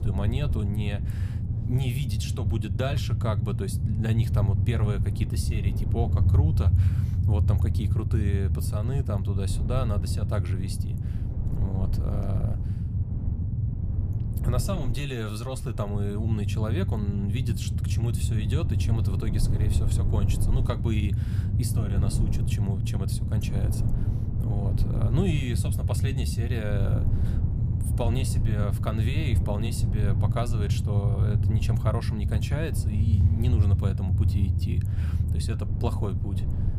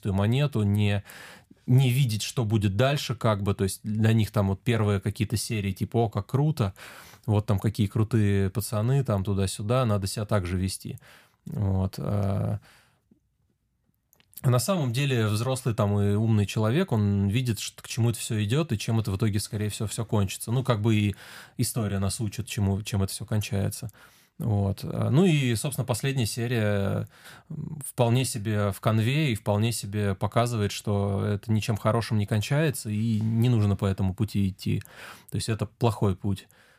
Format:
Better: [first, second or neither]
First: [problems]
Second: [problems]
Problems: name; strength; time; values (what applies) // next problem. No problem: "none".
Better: second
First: low rumble; loud; throughout; 4 dB below the speech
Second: none